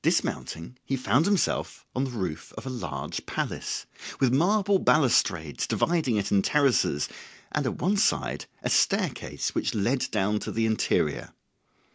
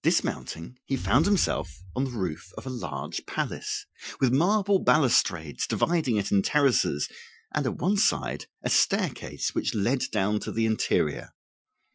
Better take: first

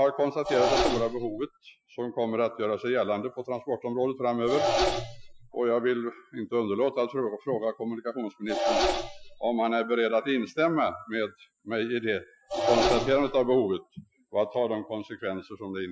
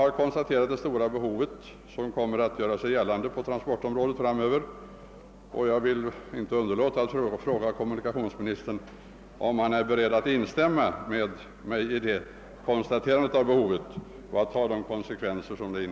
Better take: second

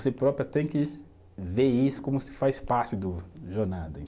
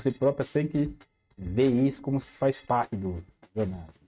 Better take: first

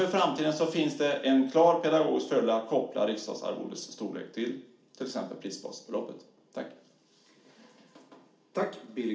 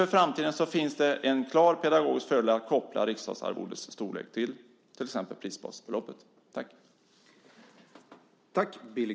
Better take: second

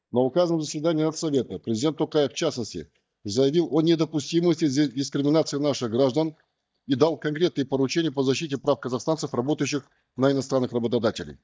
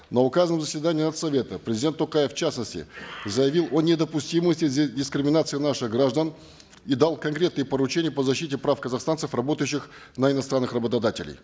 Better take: second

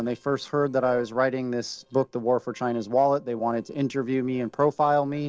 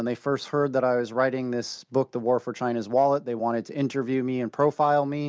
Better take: second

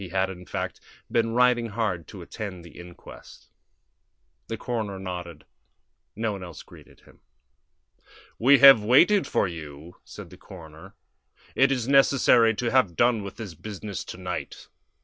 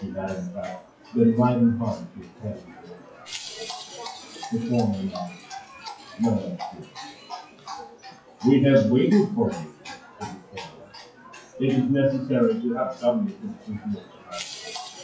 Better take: first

